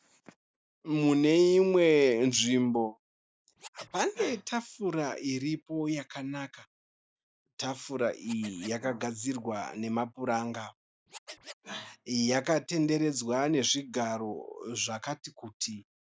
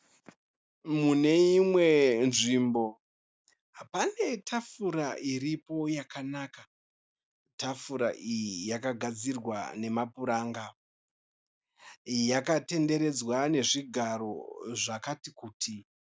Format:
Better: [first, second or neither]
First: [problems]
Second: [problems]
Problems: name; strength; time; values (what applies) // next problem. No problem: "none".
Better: second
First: noise reduction (neural mask model Resemble Enhance denoiser)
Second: none